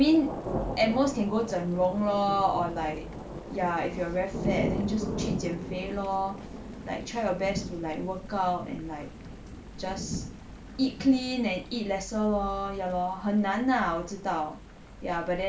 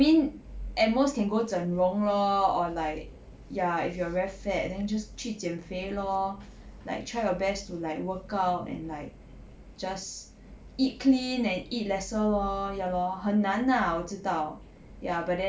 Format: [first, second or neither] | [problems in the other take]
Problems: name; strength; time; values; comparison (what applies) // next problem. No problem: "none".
second | background sound (Thunder / Rain); 9 dB below the speech